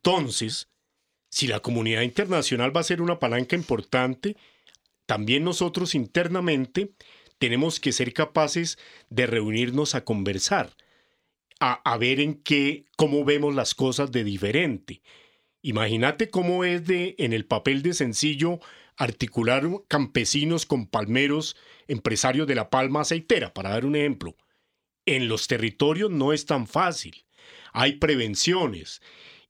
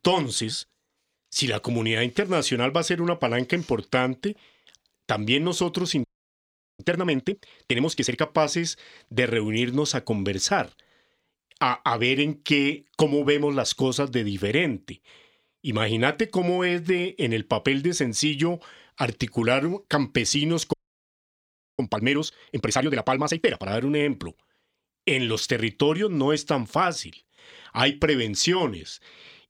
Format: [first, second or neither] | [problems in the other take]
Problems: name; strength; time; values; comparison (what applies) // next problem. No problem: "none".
first | audio freezing; at 6 s for 1 s and at 21 s for 1 s